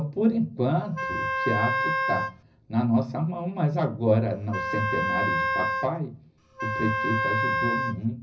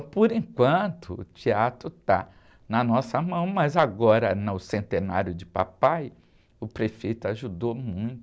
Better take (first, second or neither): second